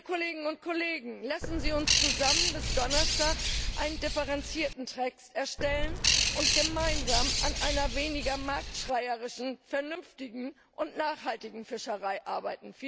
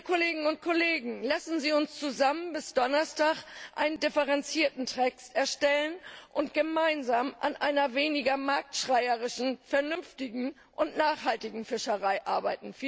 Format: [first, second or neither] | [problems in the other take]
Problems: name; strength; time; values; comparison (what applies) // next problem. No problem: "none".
second | background sound (Bird); 4 dB above the speech